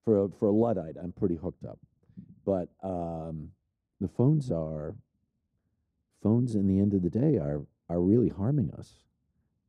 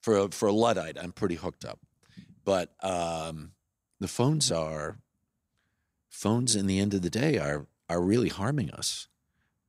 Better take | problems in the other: second | muffled; very; fading above 1 kHz

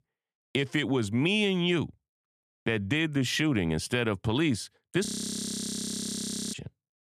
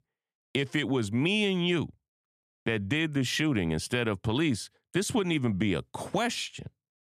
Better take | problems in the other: second | audio freezing; at 5 s for 1.5 s

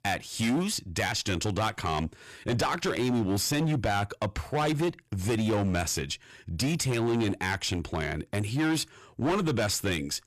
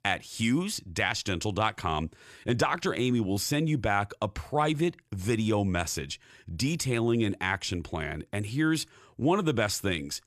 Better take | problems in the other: second | distortion; heavy; 15% of the sound clipped

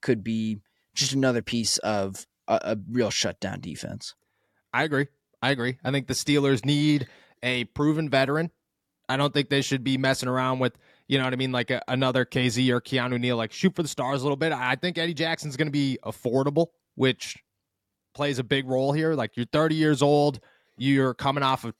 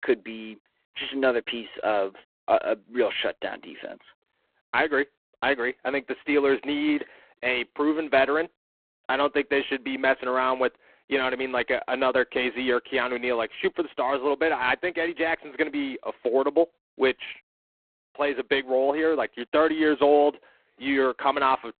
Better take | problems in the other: first | phone-call audio; poor line

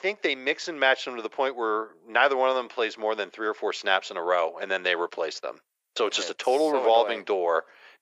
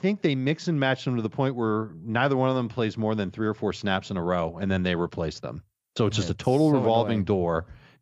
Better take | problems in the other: second | thin; very; fading below 450 Hz

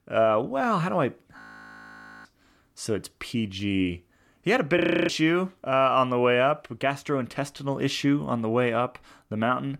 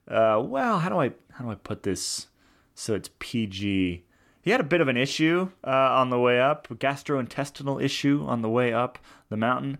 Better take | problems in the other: second | audio freezing; at 1.5 s for 1 s and at 5 s

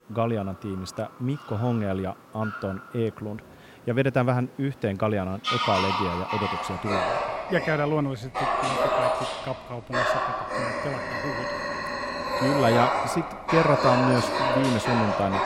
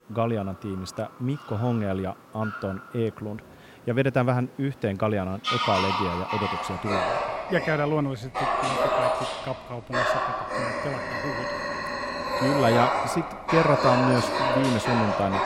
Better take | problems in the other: neither | animal sounds; very loud; throughout; 1 dB above the speech; the same in both

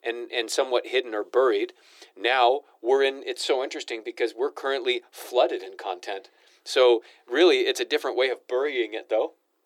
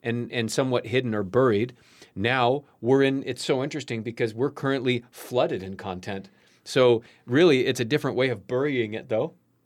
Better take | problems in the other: second | thin; very; fading below 350 Hz

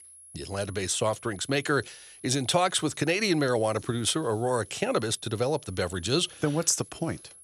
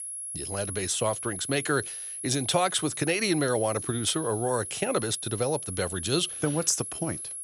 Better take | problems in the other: first | high-pitched whine; loud; throughout; 10.5 kHz, 6 dB below the speech; faint in the first

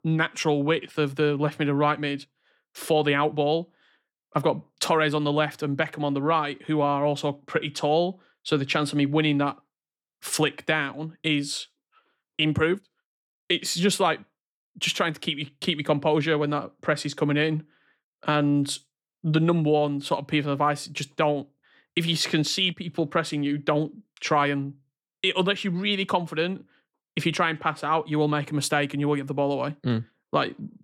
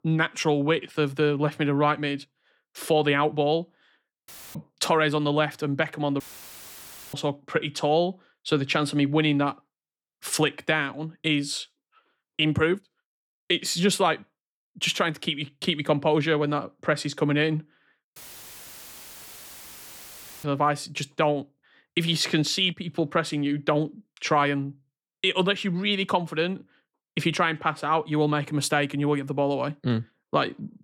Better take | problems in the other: first | audio cutting out; filled with static; at 4.5 s, at 6 s for 1 s and at 18 s for 2.5 s

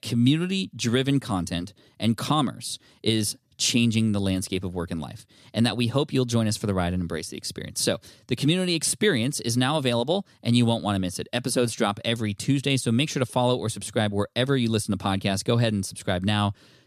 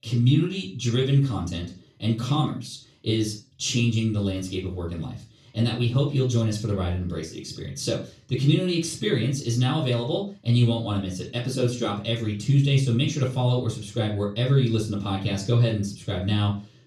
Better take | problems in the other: first | room echo; slight; dies away in 0.3 s // off-mic speech; far

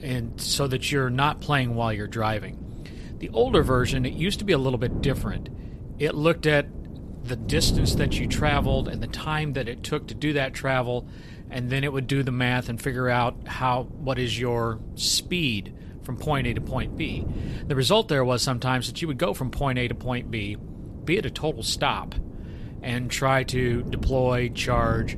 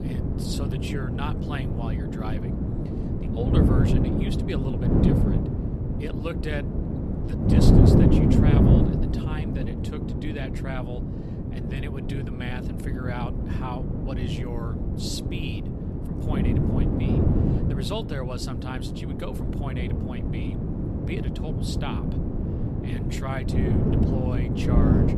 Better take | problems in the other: first | wind noise on the microphone; heavy; 4 dB above the speech; occasional gusts in the first

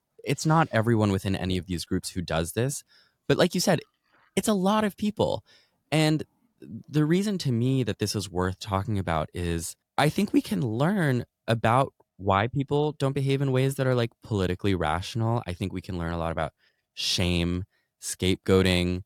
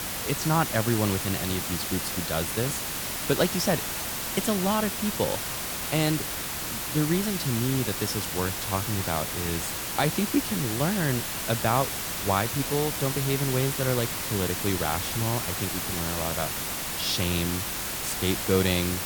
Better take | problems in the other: first | hiss; loud; throughout; 1 dB below the speech

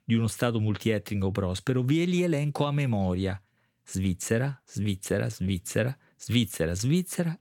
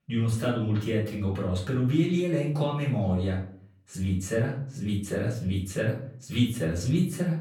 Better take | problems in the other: first | room echo; noticeable; dies away in 0.4 s // off-mic speech; far

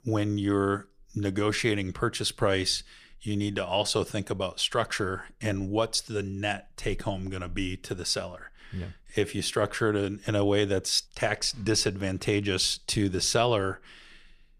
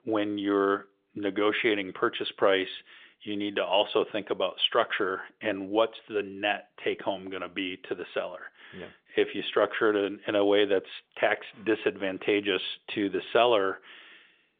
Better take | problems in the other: first | phone-call audio; nothing above 3.5 kHz

